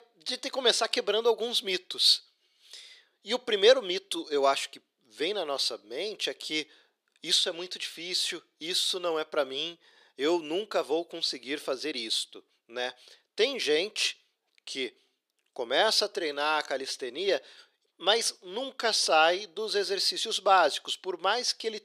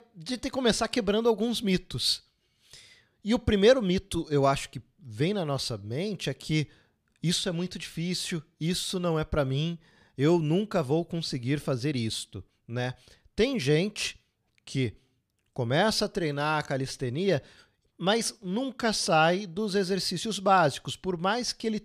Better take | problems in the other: second | thin; very; fading below 350 Hz

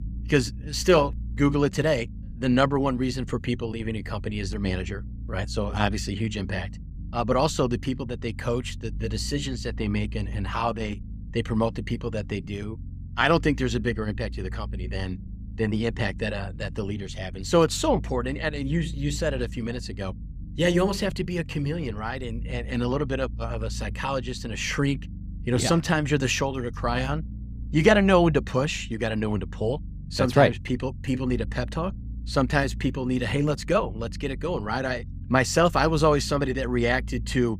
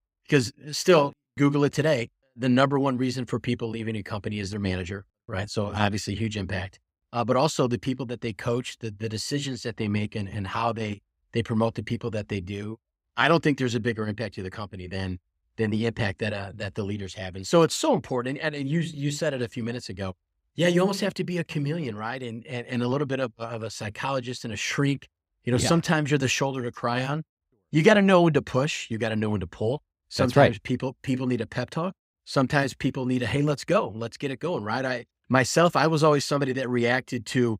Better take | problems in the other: second | low rumble; faint; throughout; 25 dB below the speech

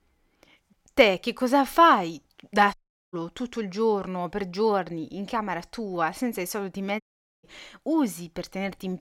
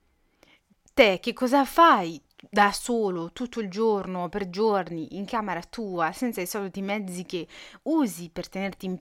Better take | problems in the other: second | audio cutting out; at 2.5 s and at 7 s

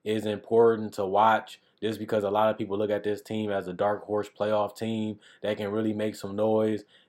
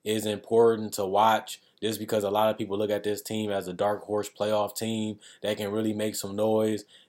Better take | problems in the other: second | muffled; slightly; fading above 4 kHz

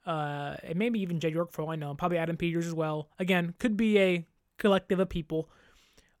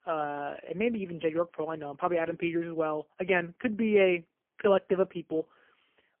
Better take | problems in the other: first | phone-call audio; poor line; nothing above 3 kHz

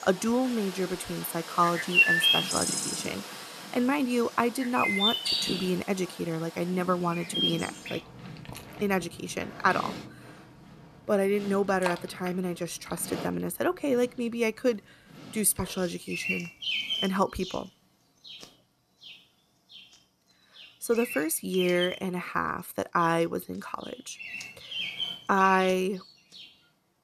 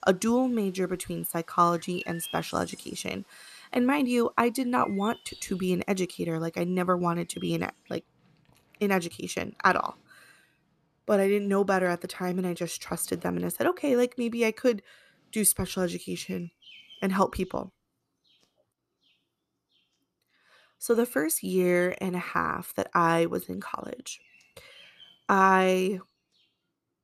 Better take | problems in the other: second | animal sounds; loud; throughout; 1 dB below the speech; faint in the second

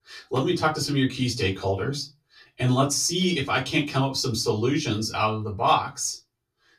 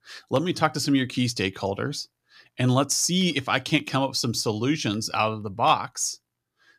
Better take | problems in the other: second | off-mic speech; far // room echo; very slight; dies away in 0.2 s

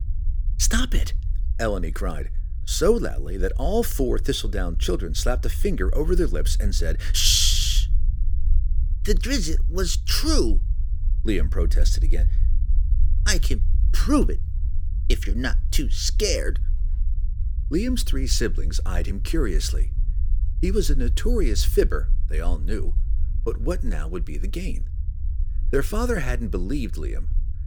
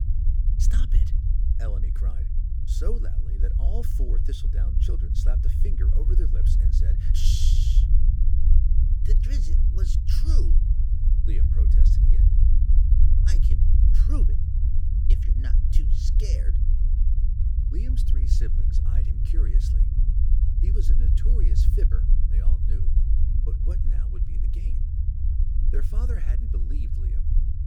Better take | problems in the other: first | low rumble; loud; throughout; as loud as the speech; faint in the first

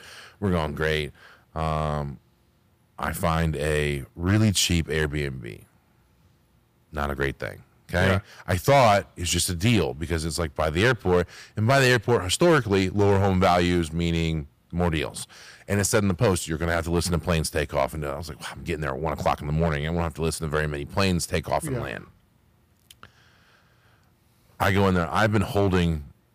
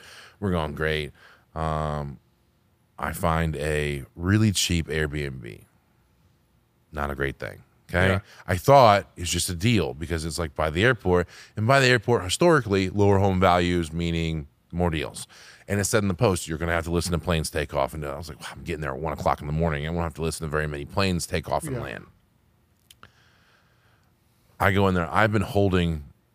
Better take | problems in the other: second | distortion; slight; 2% of the sound clipped

